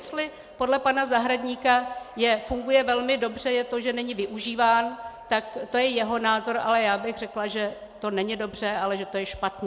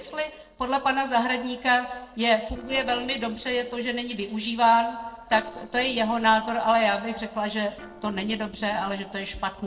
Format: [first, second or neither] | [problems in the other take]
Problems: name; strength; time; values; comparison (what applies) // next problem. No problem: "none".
first | noise reduction (neural separator model SepFormer DNS4)